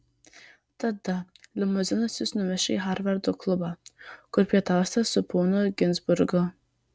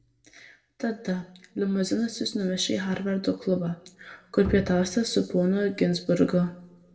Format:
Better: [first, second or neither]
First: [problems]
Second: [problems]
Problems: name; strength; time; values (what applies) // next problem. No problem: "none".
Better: first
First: none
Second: background sound (Bowed string instrument); 10 dB below the speech // room echo; dies away in 0.6 s